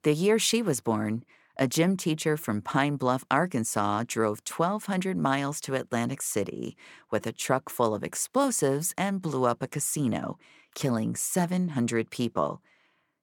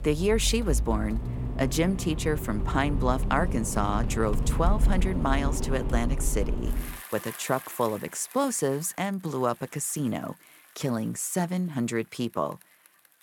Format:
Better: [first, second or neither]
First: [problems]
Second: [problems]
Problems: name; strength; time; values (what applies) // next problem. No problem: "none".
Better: first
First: none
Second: traffic noise; loud; throughout; 3 dB below the speech